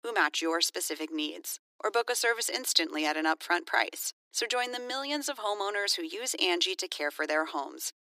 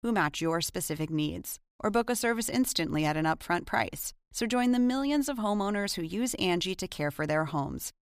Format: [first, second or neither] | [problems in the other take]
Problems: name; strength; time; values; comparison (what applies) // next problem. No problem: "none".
second | thin; very; fading below 300 Hz